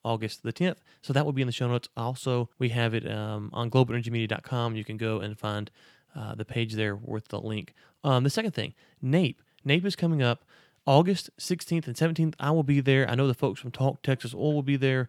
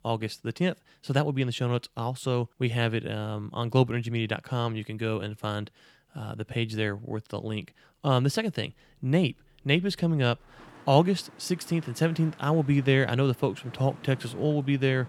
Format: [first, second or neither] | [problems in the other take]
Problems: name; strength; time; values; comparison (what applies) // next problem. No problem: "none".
first | traffic noise; faint; throughout; 20 dB below the speech